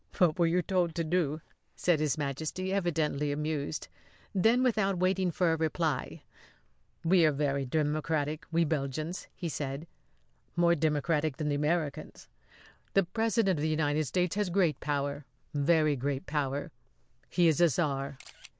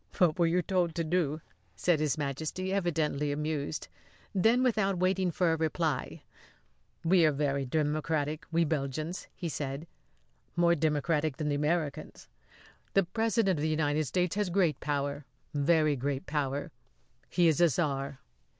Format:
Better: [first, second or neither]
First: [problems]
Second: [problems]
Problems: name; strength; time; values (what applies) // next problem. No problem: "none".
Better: second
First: noise reduction (neural mask model Resemble Enhance denoiser)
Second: none